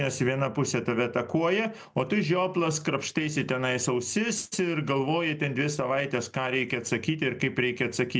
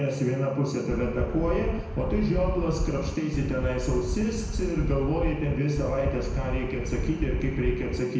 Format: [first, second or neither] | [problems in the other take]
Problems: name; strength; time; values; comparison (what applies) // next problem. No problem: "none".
first | background sound (Wind); 3 dB below the speech // room echo; dies away in 1 s